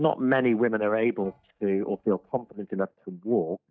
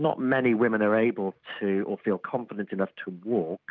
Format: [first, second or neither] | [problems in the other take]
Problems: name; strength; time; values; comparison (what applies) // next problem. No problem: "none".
second | noise reduction (neural mask model DeepFilterNet 3)